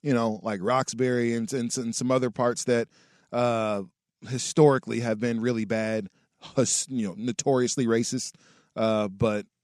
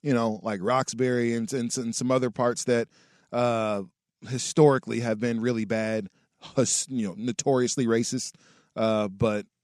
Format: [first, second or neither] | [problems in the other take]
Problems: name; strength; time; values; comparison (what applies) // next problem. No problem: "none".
neither | none